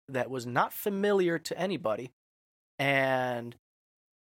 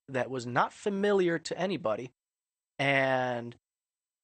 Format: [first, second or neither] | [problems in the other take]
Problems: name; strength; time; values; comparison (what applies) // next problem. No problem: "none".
first | garbled, watery; slightly; nothing above 8.5 kHz